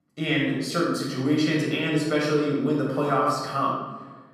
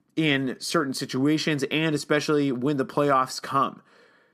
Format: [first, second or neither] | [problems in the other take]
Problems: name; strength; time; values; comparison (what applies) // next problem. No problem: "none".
second | off-mic speech; far // room echo; noticeable; dies away in 1.1 s